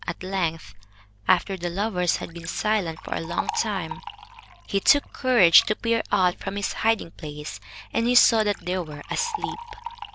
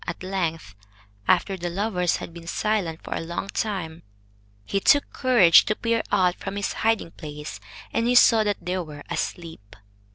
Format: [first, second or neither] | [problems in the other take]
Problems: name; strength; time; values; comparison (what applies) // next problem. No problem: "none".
second | background sound (Liquid); 13 dB below the speech